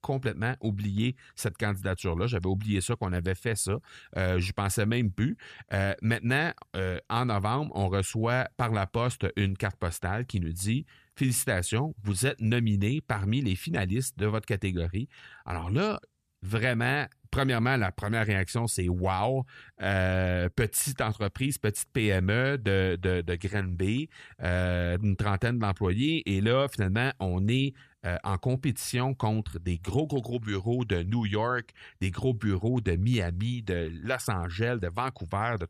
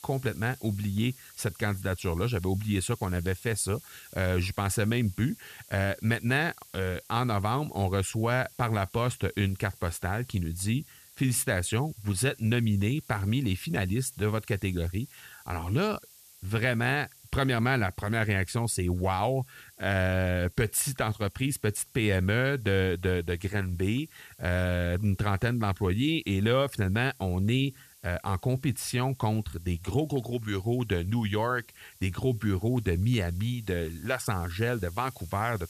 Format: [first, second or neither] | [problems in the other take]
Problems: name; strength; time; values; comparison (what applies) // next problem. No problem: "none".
first | hiss; faint; throughout; 20 dB below the speech